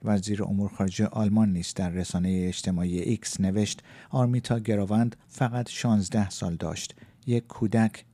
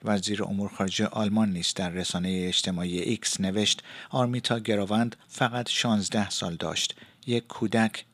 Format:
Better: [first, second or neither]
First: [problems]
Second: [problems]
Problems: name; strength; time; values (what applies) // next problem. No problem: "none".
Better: first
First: none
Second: thin; very slightly; fading below 350 Hz